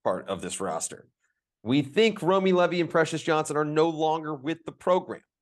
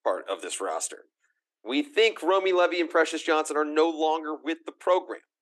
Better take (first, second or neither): first